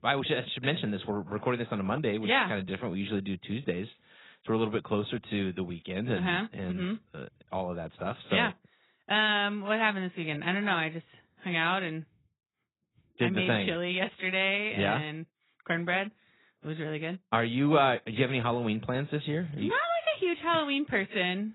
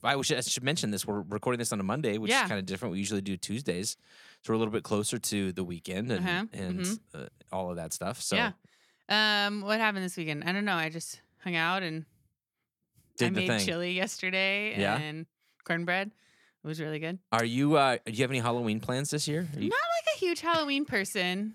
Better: second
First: garbled, watery; badly; nothing above 4 kHz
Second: none

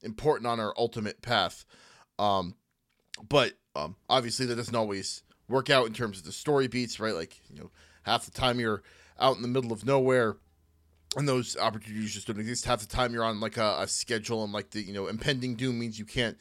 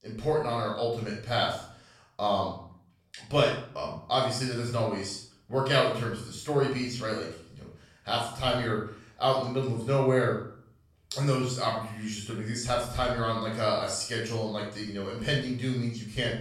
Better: first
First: none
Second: off-mic speech; far // room echo; noticeable; dies away in 0.5 s

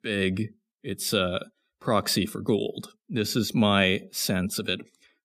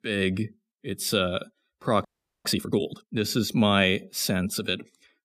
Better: first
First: none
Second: audio freezing; at 2 s

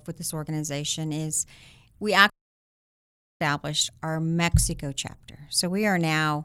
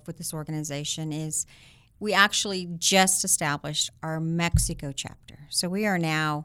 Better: second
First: audio cutting out; at 2.5 s for 1 s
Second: none

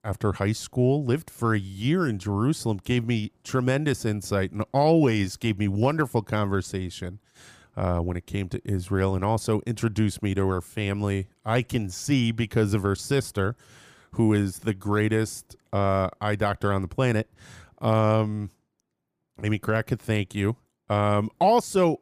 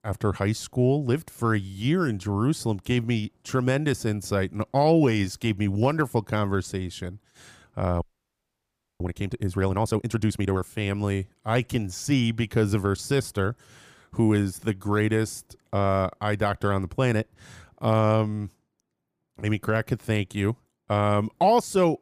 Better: first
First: none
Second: audio freezing; at 8 s for 1 s

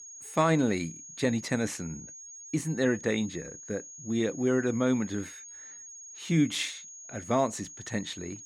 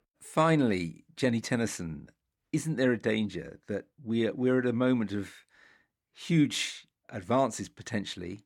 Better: second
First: high-pitched whine; noticeable; throughout; 6.5 kHz, 15 dB below the speech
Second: none

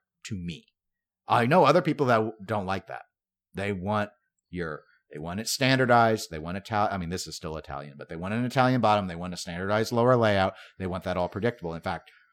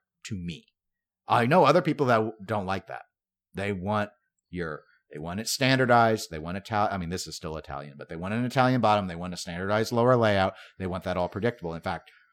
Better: neither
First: none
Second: none

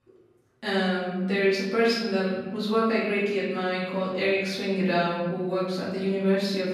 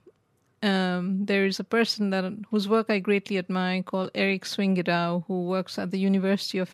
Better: second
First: room echo; noticeable; dies away in 1 s // off-mic speech; far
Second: none

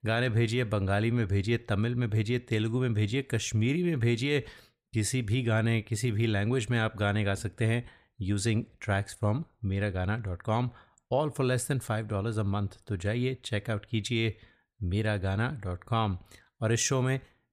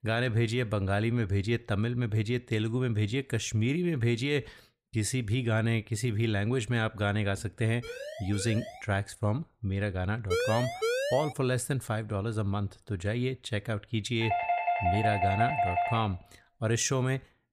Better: first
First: none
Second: siren; noticeable; at 8 s; peak 10 dB below the speech // siren; loud; from 10 to 11 s; peak 1 dB above the speech // doorbell; loud; from 14 to 16 s; peak 2 dB above the speech

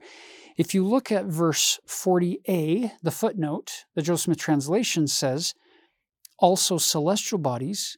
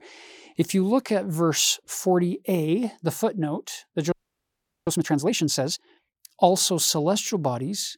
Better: first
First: none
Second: audio freezing; at 4 s for 1 s

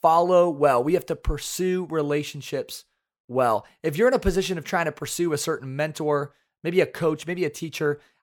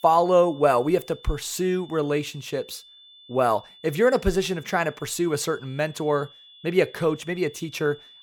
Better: first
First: none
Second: high-pitched whine; faint; throughout; 3.5 kHz, 25 dB below the speech

